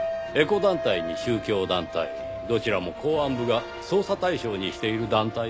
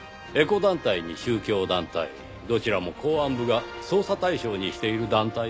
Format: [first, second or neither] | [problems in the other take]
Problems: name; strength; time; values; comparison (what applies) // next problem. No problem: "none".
second | background sound (Chink, clink); 10 dB below the speech